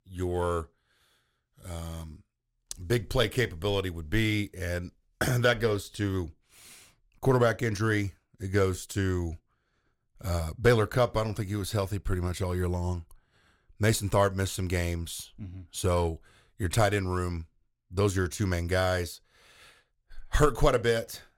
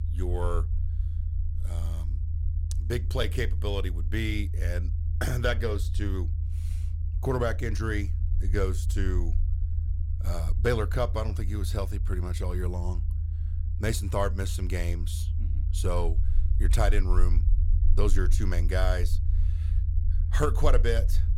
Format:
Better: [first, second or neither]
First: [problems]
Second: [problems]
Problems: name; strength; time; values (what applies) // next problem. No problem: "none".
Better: first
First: none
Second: low rumble; noticeable; throughout; 15 dB below the speech